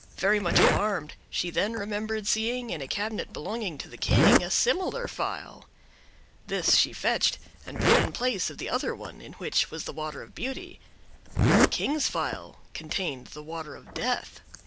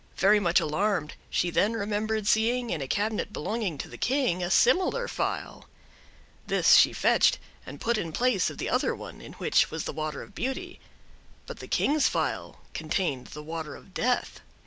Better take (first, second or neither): second